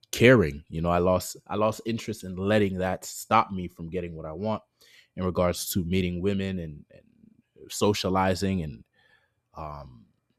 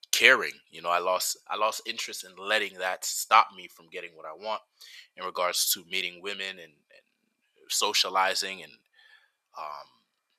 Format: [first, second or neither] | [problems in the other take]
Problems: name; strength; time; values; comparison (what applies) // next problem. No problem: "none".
first | thin; very; fading below 1 kHz